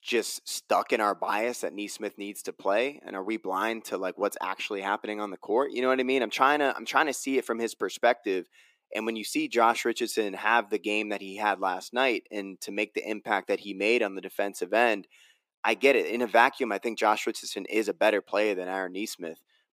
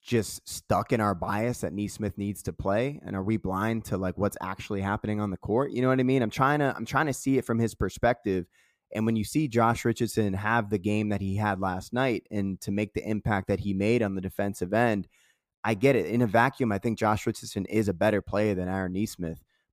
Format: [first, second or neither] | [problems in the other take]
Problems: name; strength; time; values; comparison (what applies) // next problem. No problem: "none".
second | thin; somewhat; fading below 300 Hz